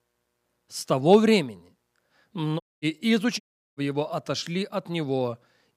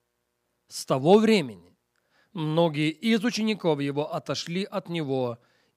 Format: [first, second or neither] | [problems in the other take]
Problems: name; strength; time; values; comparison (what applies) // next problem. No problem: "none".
second | audio cutting out; at 2.5 s and at 3.5 s